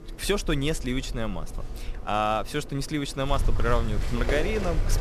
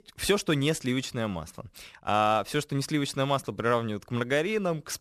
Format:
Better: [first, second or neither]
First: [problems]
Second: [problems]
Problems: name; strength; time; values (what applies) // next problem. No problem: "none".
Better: second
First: animal sounds; loud; throughout; 5 dB below the speech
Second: none